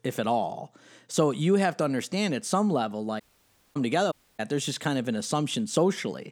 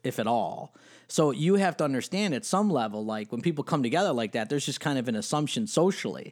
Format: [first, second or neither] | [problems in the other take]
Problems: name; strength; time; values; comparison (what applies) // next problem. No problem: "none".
second | audio cutting out; at 3 s for 0.5 s and at 4 s